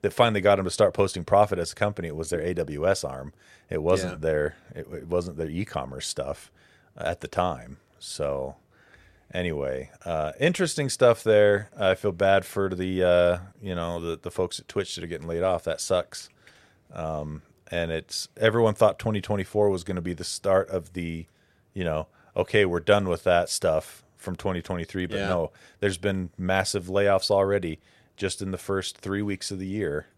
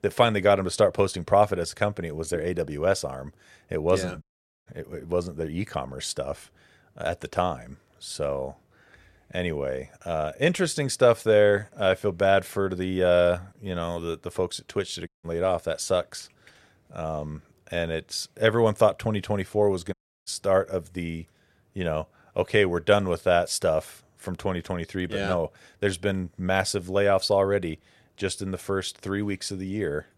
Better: first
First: none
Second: audio cutting out; at 4 s, at 15 s and at 20 s

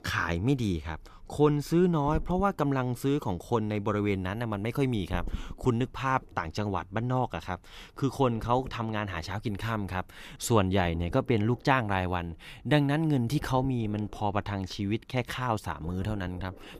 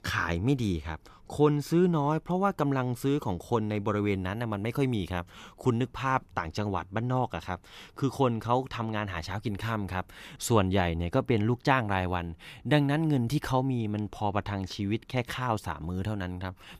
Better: second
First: low rumble; faint; throughout; 25 dB below the speech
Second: none

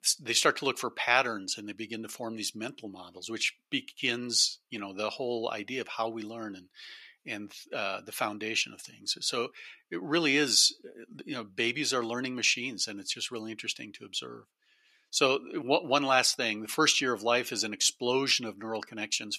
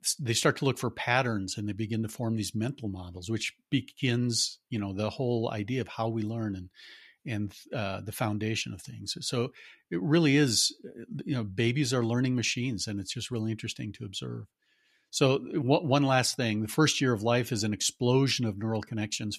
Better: second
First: thin; somewhat; fading below 350 Hz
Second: none

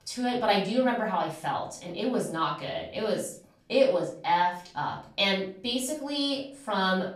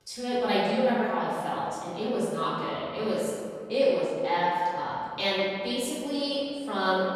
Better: first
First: room echo; slight; dies away in 0.4 s // off-mic speech; far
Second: room echo; strong; dies away in 2.1 s // off-mic speech; far

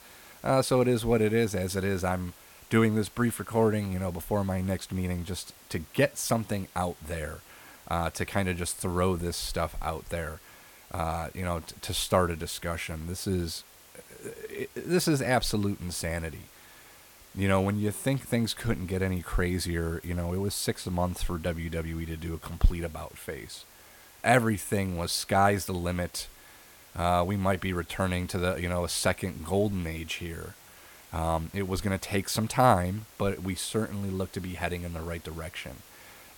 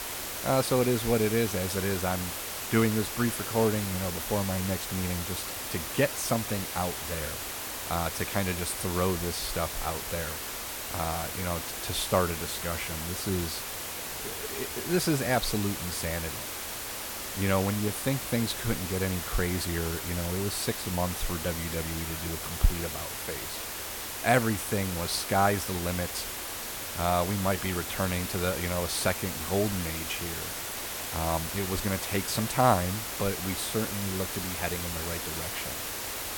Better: first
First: hiss; faint; throughout; 20 dB below the speech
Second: hiss; loud; throughout; 3 dB below the speech

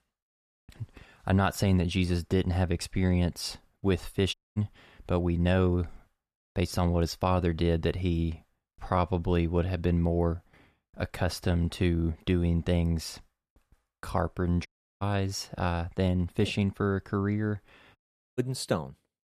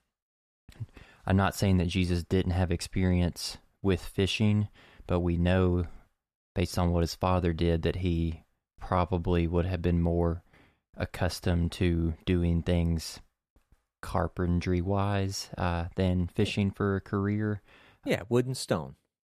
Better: second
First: audio cutting out; at 4.5 s, at 15 s and at 18 s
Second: none

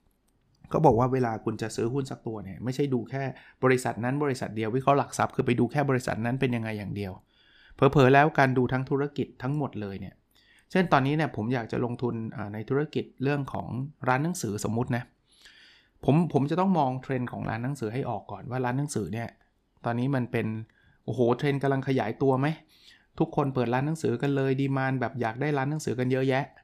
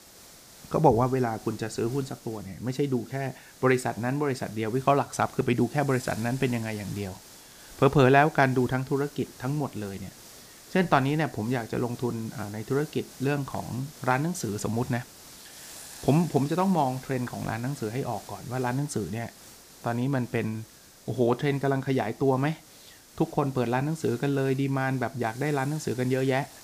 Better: first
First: none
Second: hiss; noticeable; throughout; 20 dB below the speech

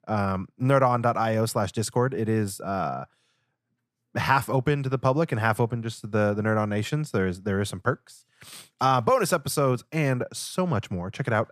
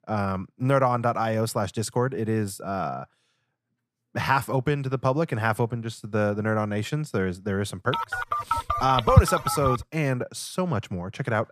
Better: first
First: none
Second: phone ringing; loud; from 8 to 9.5 s; peak 6 dB above the speech

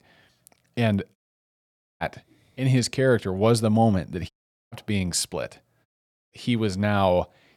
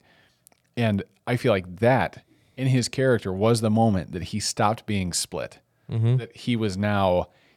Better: second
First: audio cutting out; at 1 s for 1 s, at 4.5 s and at 6 s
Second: none

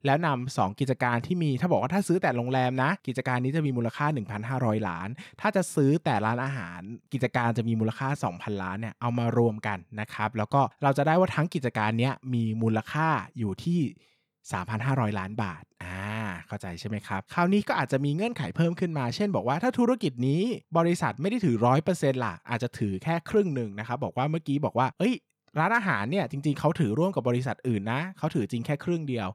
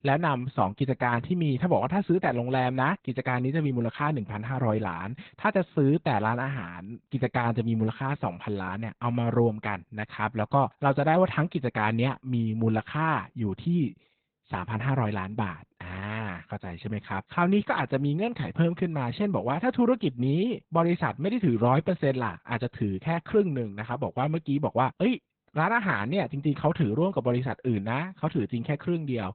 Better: first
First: none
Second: garbled, watery; badly; nothing above 4 kHz

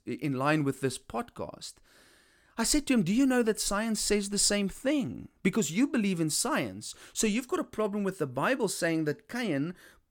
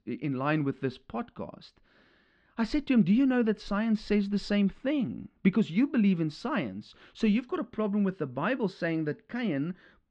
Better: first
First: none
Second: muffled; slightly; fading above 3.5 kHz

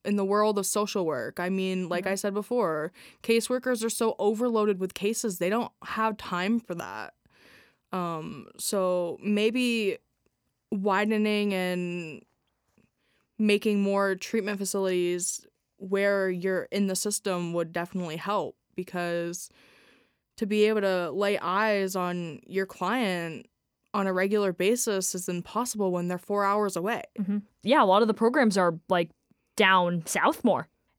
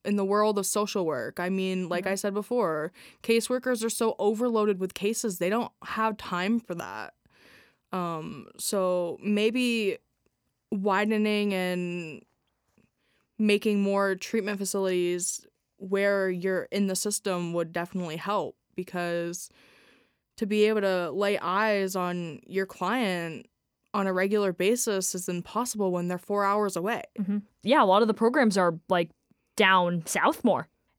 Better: neither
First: none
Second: none

